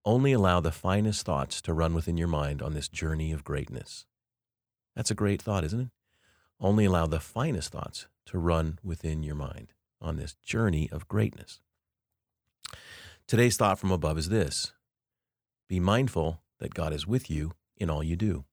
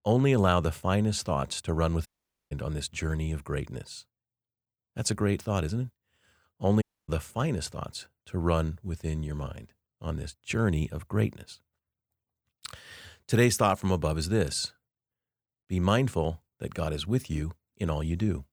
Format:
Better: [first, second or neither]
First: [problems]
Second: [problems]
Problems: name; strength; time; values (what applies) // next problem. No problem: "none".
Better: first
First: none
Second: audio cutting out; at 2 s and at 7 s